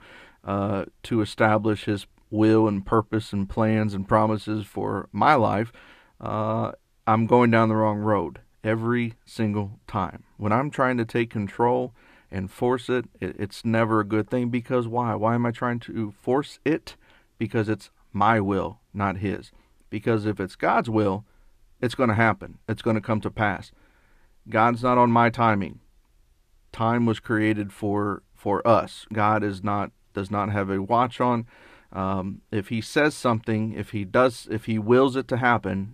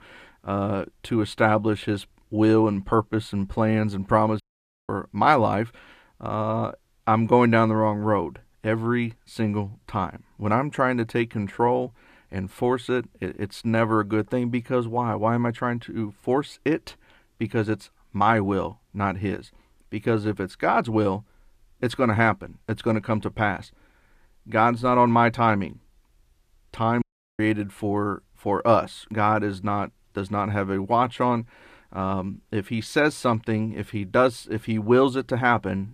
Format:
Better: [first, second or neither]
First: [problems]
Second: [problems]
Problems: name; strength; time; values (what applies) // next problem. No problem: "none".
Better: first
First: none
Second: audio cutting out; at 4.5 s and at 27 s